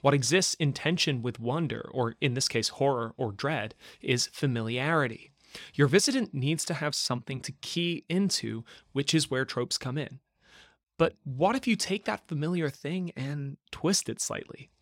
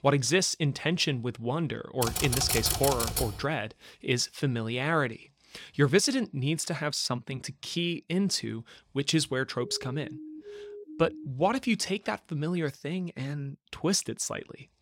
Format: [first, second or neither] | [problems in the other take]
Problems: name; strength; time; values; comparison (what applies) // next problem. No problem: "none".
first | keyboard typing; loud; from 2 to 3.5 s; peak 2 dB above the speech // siren; faint; from 9.5 to 11 s; peak 15 dB below the speech